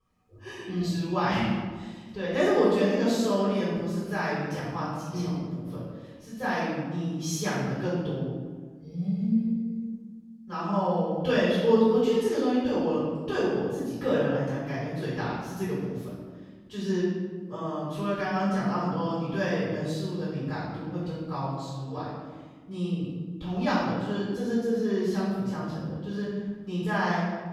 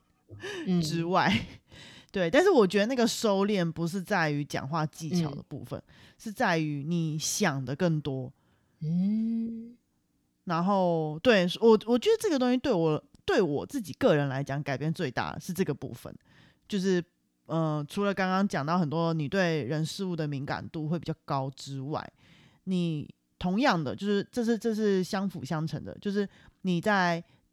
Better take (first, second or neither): second